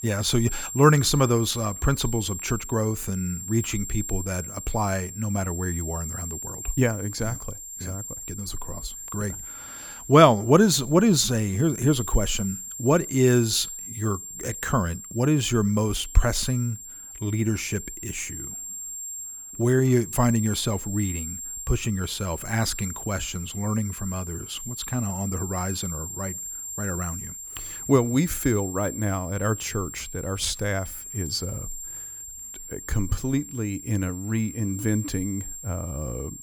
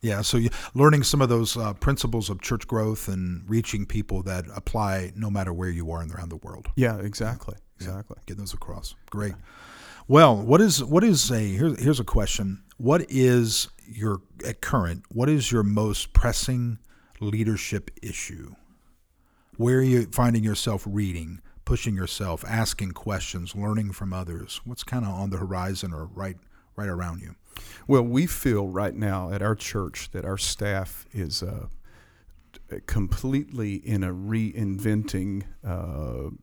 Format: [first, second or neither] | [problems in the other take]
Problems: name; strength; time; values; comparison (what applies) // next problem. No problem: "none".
second | high-pitched whine; loud; throughout; 7.5 kHz, 9 dB below the speech